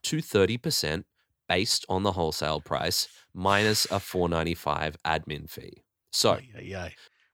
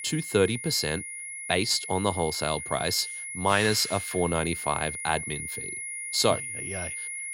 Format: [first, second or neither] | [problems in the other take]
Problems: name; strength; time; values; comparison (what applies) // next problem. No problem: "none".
first | high-pitched whine; loud; throughout; 2 kHz, 7 dB below the speech